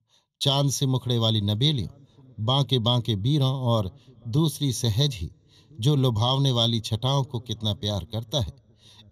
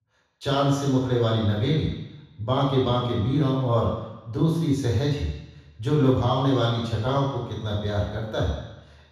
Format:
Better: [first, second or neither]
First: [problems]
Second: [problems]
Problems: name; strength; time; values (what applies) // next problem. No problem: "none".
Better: first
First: room echo; slight; dies away in 3 s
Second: room echo; strong; dies away in 1.1 s // off-mic speech; far